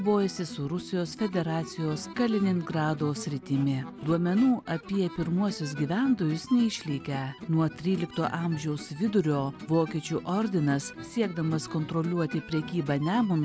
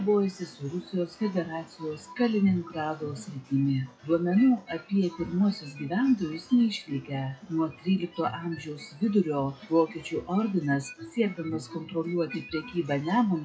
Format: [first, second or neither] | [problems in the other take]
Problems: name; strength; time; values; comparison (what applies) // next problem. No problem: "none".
first | noise reduction (classical method WPE with log-MMSE)